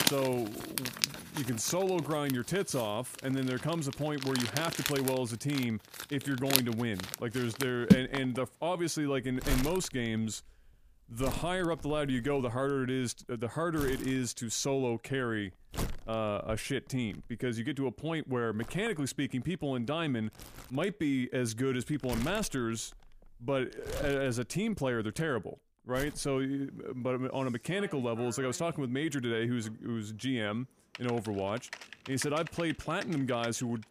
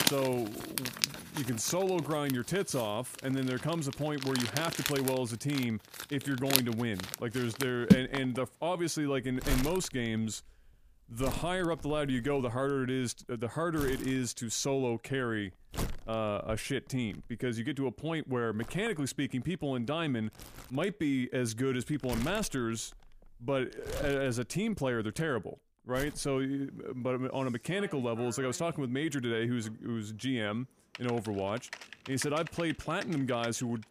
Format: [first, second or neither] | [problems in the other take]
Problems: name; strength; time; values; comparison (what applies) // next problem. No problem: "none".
neither | household noises; loud; throughout; 4 dB below the speech; the same in both